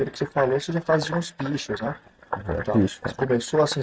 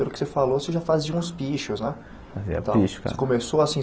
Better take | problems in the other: second | noise reduction (neural mask model RNNoise)

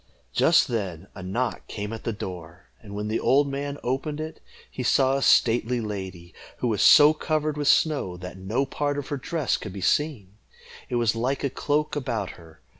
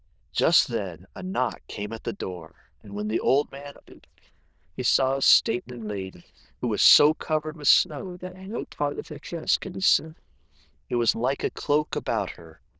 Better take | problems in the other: first | noise reduction (neural diffusion model UNIVERSE++)

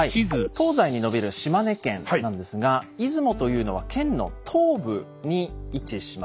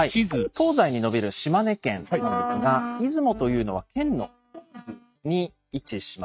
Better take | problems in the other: first | noise reduction (neural mask model RNNoise)

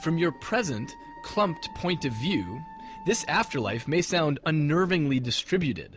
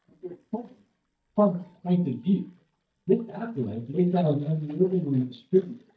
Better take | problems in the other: first | noise reduction (neural mask model DeepFilterNet 3)

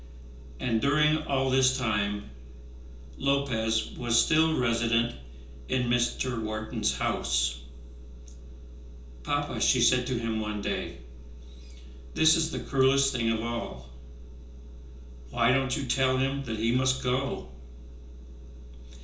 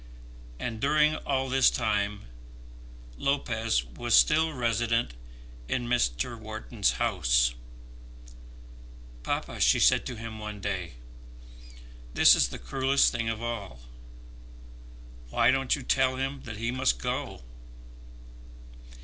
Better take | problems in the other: second | room echo; dies away in 0.6 s

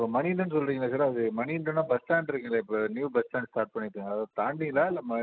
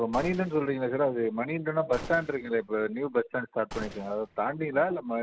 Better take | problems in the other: first | background sound (Gunshot, gunfire); 17 dB below the speech

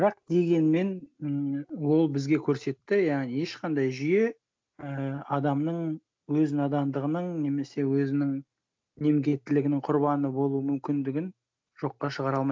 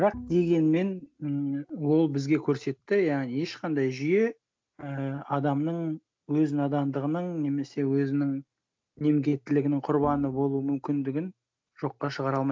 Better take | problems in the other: first | background sound (Bowed string instrument); 19 dB below the speech

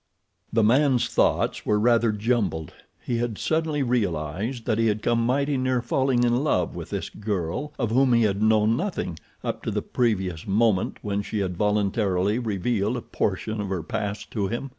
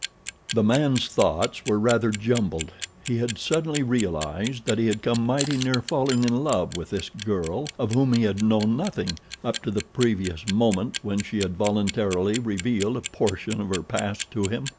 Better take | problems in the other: first | background sound (Clock); 13 dB below the speech

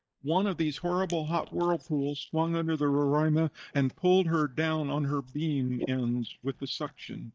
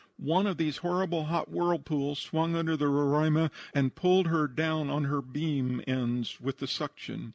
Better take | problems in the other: second | noise reduction (neural mask model DeepFilterNet 3)

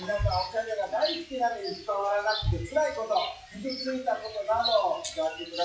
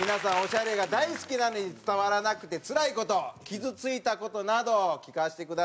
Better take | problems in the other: second | noise reduction (classical method WPE with log-MMSE)

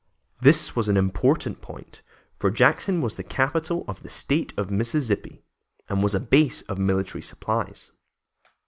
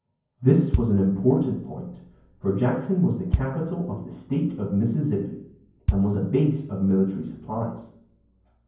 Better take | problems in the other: first | background sound (Bass drum); 8 dB below the speech // room echo; dies away in 0.9 s

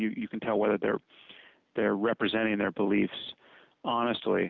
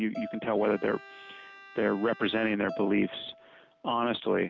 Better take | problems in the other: first | background sound (Bowed string instrument + Bowed string instrument); 17 dB below the speech

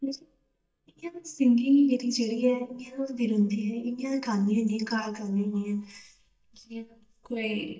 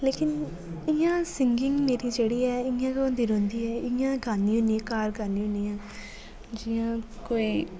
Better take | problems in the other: second | noise reduction (neural mask model DeepFilterNet 3)

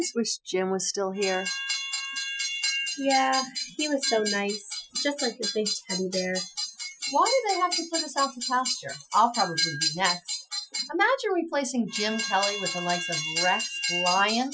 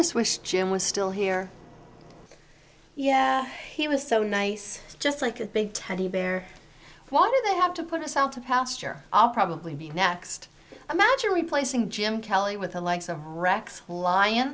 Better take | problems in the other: second | noise reduction (classical method Wiener filter)

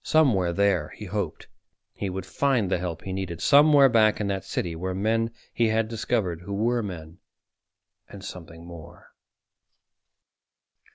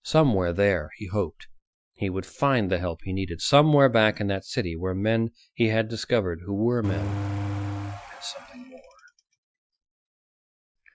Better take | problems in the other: first | noise reduction (classical method Wiener filter)

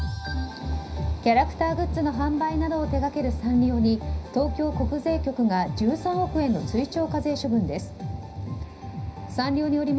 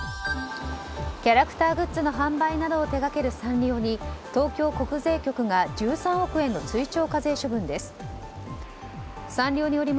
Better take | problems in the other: second | room echo; dies away in 0.5 s

